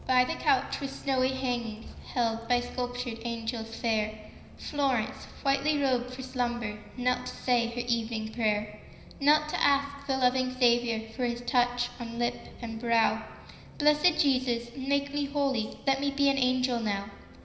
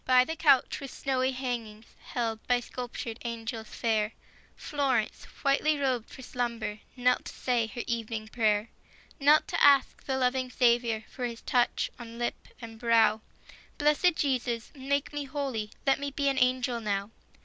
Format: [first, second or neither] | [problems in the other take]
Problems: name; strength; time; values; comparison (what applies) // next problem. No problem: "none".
second | background sound (Bus); 19 dB below the speech // room echo; dies away in 0.9 s